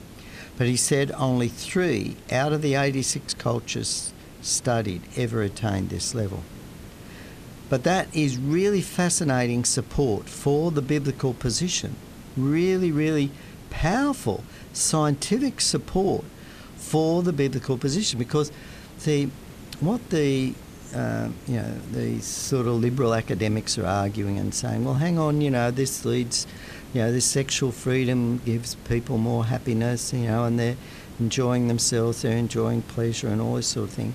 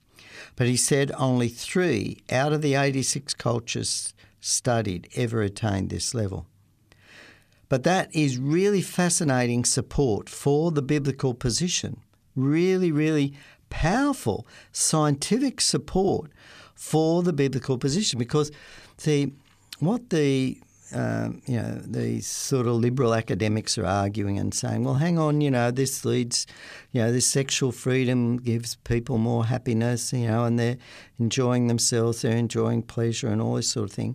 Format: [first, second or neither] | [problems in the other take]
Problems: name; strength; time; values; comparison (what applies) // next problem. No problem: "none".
second | hiss; noticeable; throughout; 20 dB below the speech